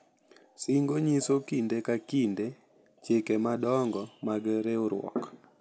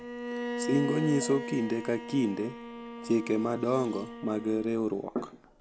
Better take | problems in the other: first | background sound (Bowed string instrument); 8 dB below the speech

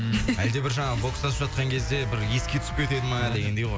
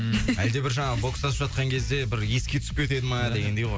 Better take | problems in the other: second | background sound (Motorcycle); 14 dB below the speech

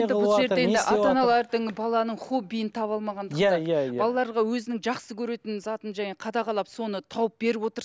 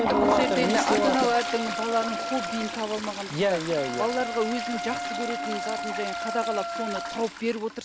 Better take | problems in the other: first | background sound (Wind instrument, woodwind instrument + Toilet flush); 2 dB below the speech

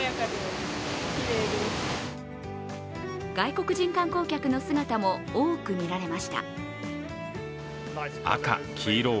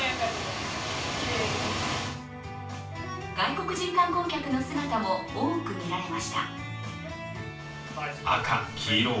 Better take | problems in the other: first | room echo; dies away in 0.3 s

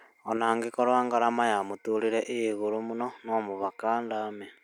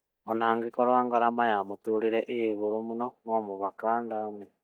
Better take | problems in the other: first | noise reduction (neural mask model DeepFilterNet 3)

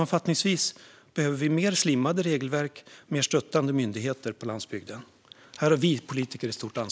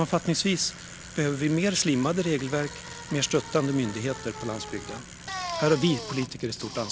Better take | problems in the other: first | background sound (Bicycle); 12 dB below the speech

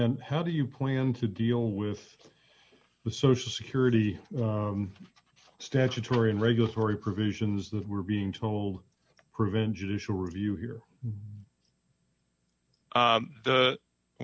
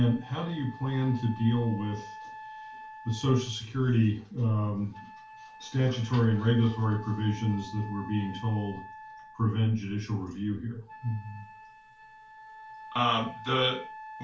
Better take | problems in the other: first | background sound (Wind instrument, woodwind instrument); 17 dB below the speech // room echo; dies away in 0.3 s

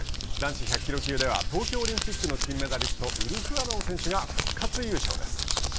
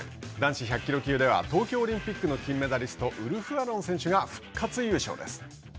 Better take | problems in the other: second | background sound (Crumpling, crinkling); 4 dB above the speech

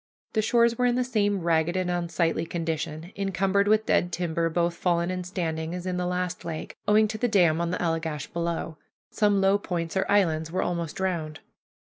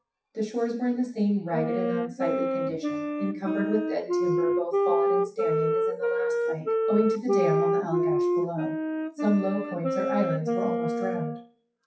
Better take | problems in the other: first | noise reduction (classical method WPE with log-MMSE)

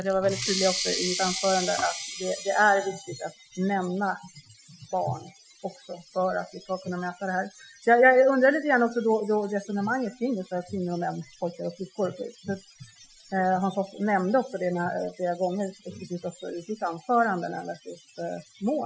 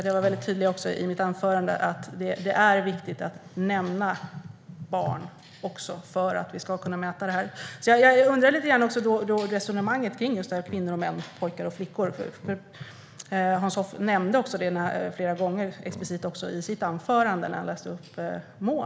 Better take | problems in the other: second | noise reduction (classical method Wiener filter)

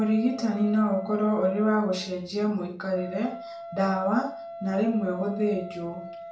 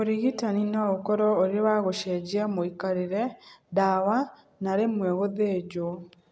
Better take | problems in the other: second | background sound (Wind instrument, woodwind instrument); 14 dB below the speech // room echo; dies away in 0.3 s

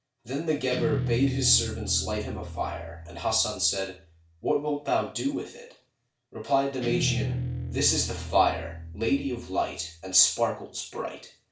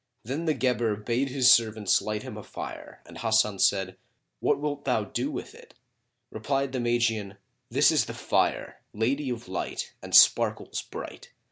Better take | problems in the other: second | background sound (Guitar); 7 dB below the speech // room echo; dies away in 0.4 s

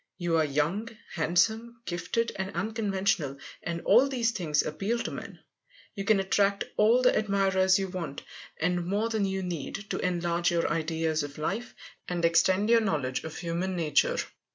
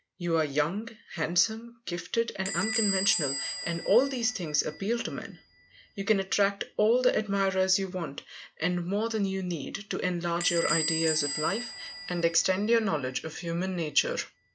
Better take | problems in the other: first | background sound (Squeak / Bell); 9 dB below the speech

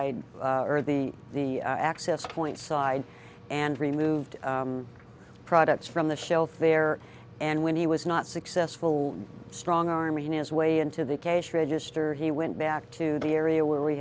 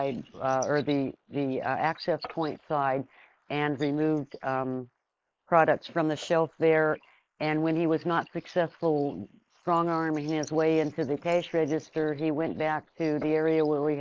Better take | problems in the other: first | noise reduction (neural mask model Resemble Enhance denoiser)

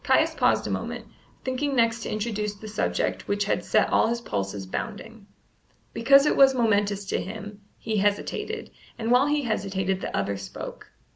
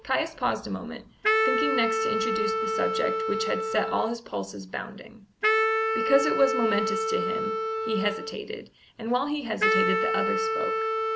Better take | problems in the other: first | background sound (Wind instrument, woodwind instrument); 2 dB above the speech

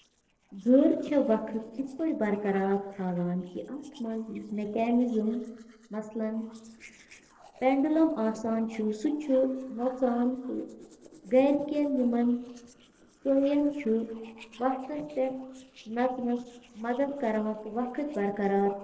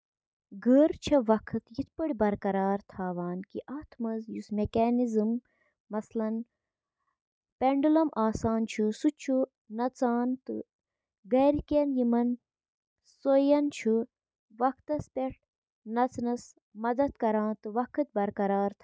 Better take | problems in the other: second | noise reduction (neural separator model SepFormer DNS4)

